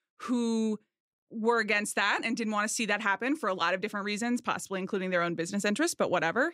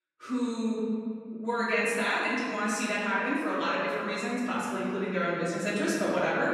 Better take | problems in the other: first | off-mic speech; far // room echo; strong; dies away in 2.1 s

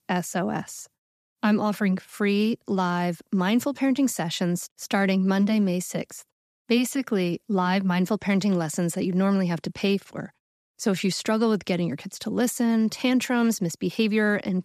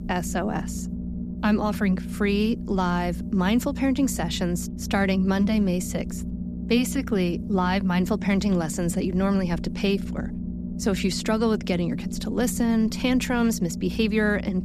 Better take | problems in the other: first | low rumble; noticeable; throughout; 10 dB below the speech

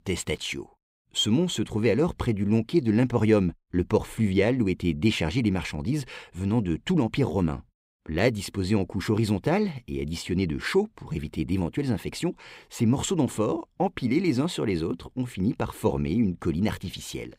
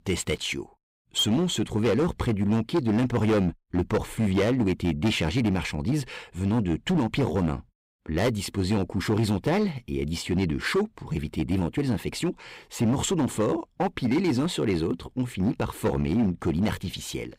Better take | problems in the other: first | distortion; slight; 9% of the sound clipped

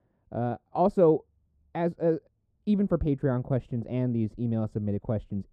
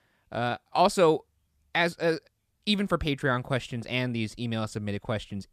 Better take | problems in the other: second | muffled; very; fading above 1 kHz

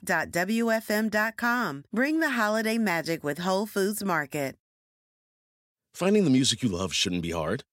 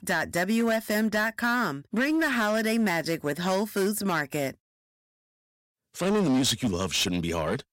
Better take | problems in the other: first | distortion; slight; 11% of the sound clipped

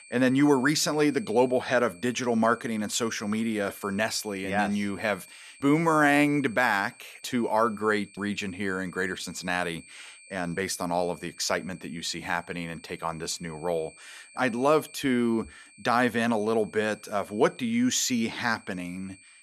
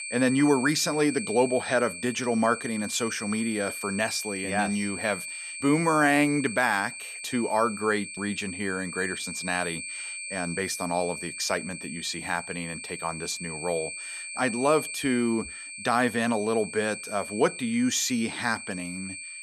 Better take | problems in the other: first | high-pitched whine; loud; throughout; 2.5 kHz, 8 dB below the speech; faint in the first

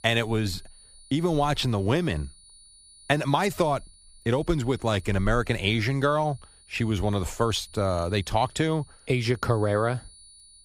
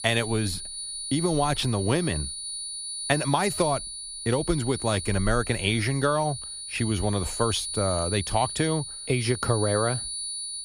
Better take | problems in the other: first | high-pitched whine; loud; throughout; 9.5 kHz, 6 dB below the speech; faint in the first

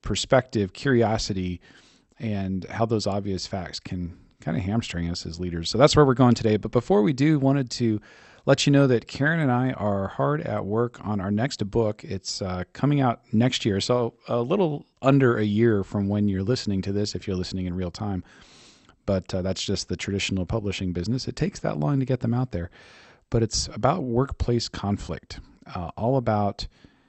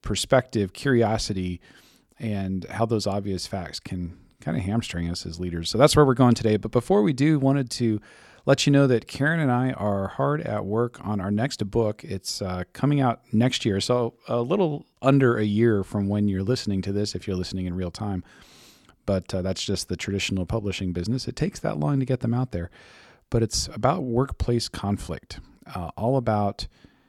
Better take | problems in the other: second | garbled, watery; slightly; nothing above 8 kHz

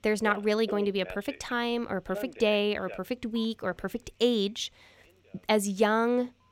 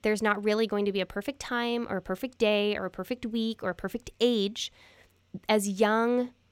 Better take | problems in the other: second | alarms or sirens; noticeable; throughout; 15 dB below the speech

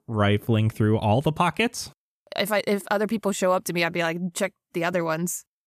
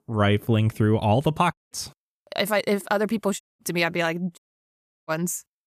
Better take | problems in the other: first | audio cutting out; at 1.5 s, at 3.5 s and at 4.5 s for 0.5 s

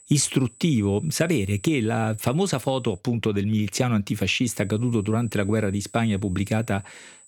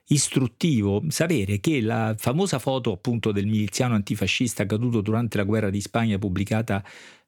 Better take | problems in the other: second | high-pitched whine; faint; until 3 s and from 4.5 s on; 8 kHz, 25 dB below the speech

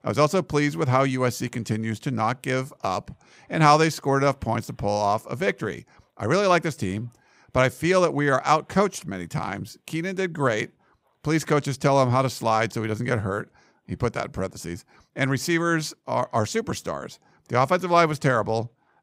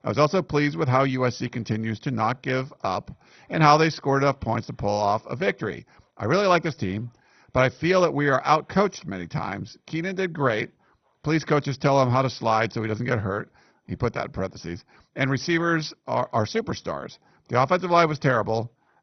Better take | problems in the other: first | garbled, watery; badly; nothing above 6 kHz

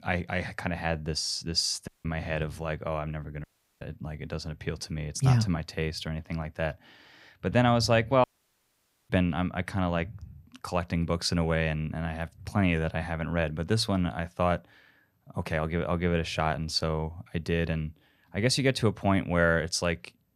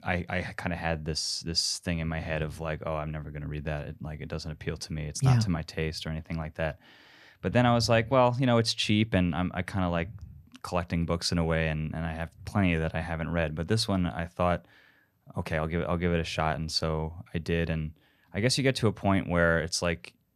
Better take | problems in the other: second | audio cutting out; at 2 s, at 3.5 s and at 8 s for 1 s

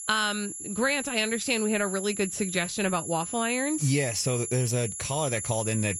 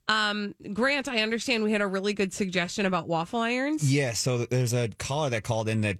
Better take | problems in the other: second | high-pitched whine; loud; throughout; 11 kHz, 5 dB below the speech

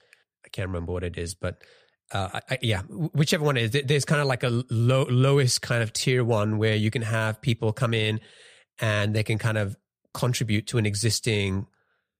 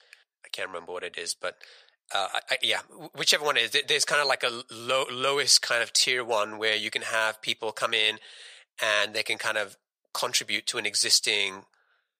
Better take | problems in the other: first | thin; very; fading below 750 Hz

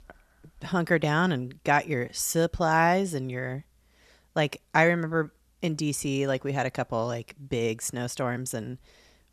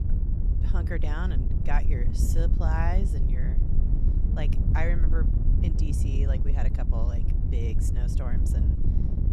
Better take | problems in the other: first | wind noise on the microphone; heavy; 4 dB below the speech

